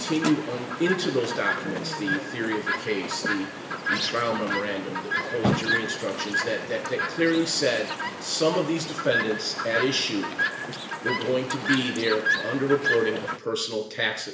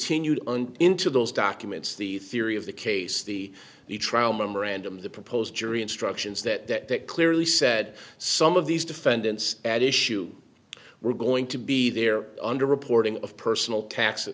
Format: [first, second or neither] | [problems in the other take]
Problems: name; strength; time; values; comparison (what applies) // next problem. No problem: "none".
second | background sound (Chirp, tweet); 3 dB below the speech // room echo; dies away in 0.8 s